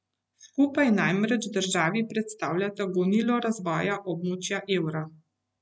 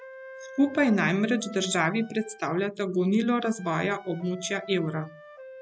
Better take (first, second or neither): first